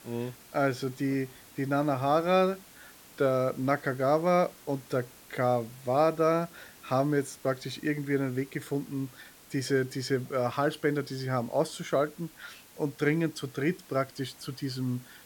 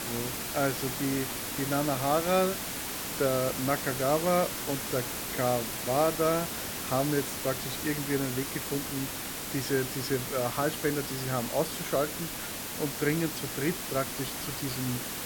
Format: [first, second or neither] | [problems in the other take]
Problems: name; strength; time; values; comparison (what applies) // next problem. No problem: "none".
first | hiss; loud; throughout; 2 dB below the speech; faint in the first